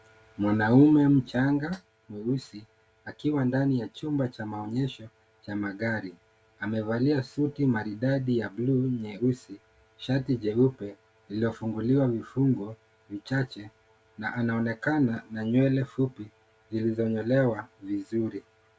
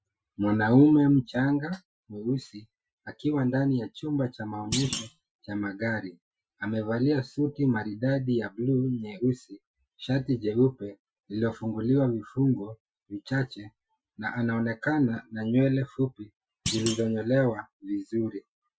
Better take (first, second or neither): first